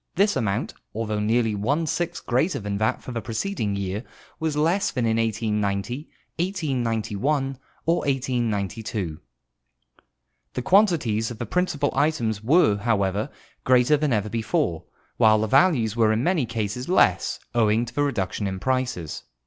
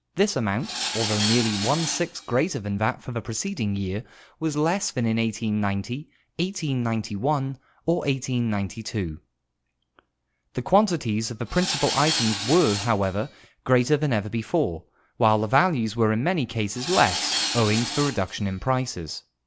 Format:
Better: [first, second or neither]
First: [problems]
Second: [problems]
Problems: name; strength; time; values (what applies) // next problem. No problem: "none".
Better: first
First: none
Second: background sound (Tools); 5 dB below the speech